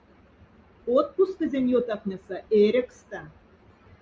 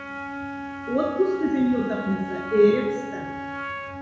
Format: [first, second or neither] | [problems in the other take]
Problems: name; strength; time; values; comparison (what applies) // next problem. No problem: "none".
first | background sound (Wind instrument, woodwind instrument); 9 dB below the speech // room echo; dies away in 1 s